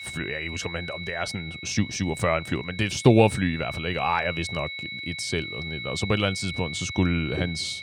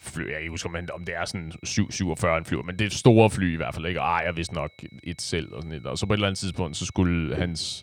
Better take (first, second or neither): second